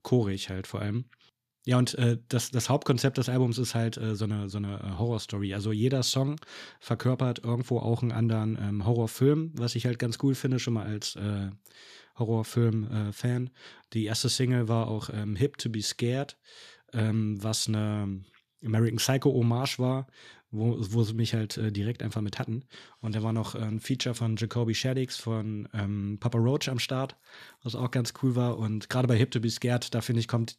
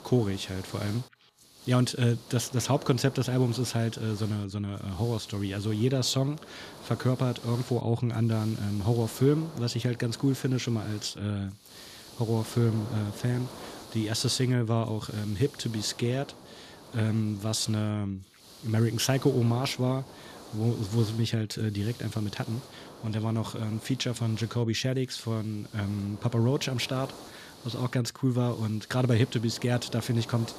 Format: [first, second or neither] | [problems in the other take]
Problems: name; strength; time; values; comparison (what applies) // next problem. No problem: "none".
first | hiss; noticeable; throughout; 15 dB below the speech